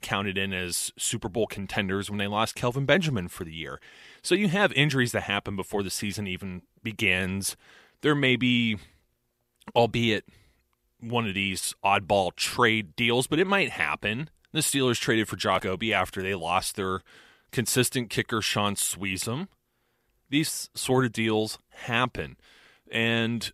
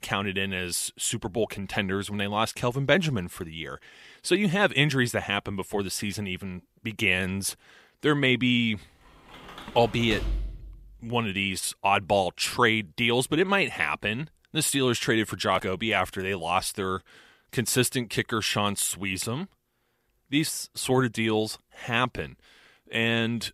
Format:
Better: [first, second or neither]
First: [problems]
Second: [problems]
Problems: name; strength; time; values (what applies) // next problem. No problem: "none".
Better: first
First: none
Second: door banging; noticeable; from 9.5 to 11 s; peak 6 dB below the speech